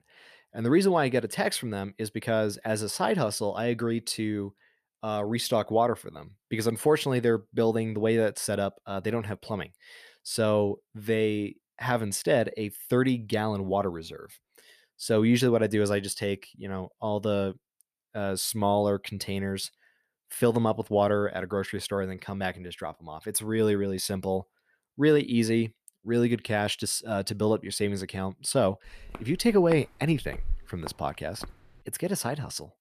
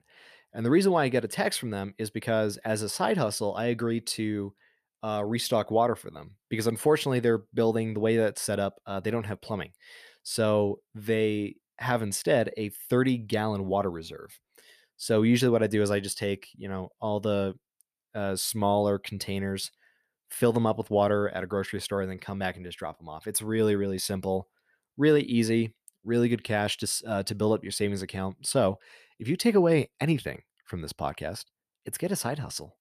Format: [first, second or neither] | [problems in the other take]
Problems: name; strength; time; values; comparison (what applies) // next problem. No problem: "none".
second | footsteps; faint; from 29 to 31 s; peak 10 dB below the speech